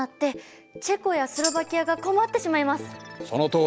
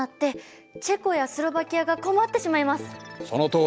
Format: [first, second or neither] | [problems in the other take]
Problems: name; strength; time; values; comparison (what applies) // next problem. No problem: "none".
second | background sound (Tambourine); 10 dB below the speech